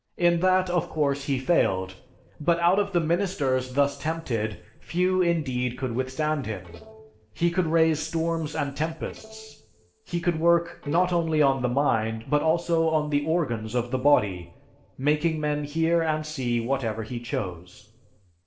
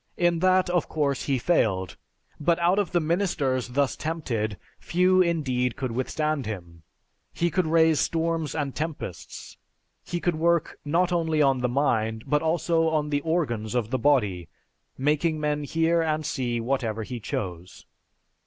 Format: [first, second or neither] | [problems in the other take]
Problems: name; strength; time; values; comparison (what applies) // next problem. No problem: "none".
second | noise reduction (neural separator model SepFormer DNS4)